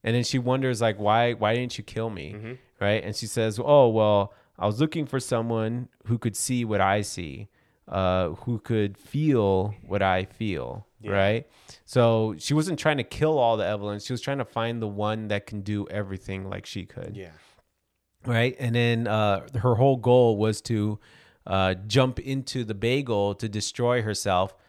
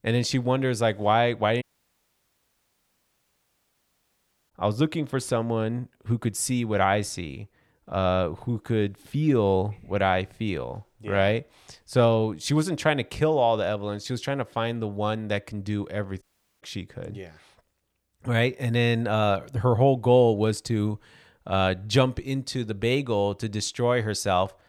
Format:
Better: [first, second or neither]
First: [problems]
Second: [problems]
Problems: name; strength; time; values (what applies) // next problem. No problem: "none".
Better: first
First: none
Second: audio cutting out; at 1.5 s for 3 s and at 16 s